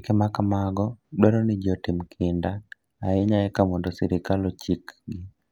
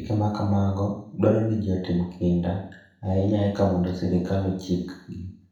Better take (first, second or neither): first